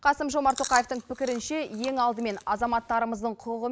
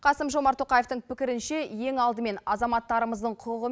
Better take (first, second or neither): second